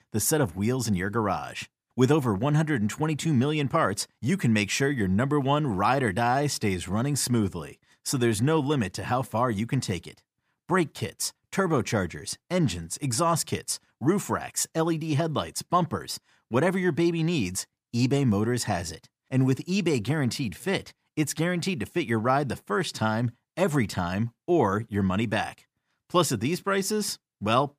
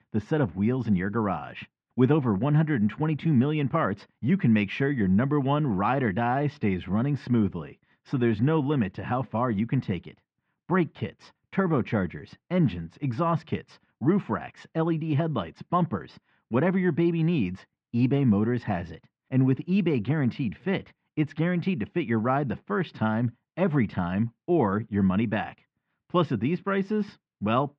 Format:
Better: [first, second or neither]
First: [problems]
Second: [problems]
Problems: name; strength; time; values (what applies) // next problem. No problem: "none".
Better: first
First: none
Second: muffled; very; fading above 3 kHz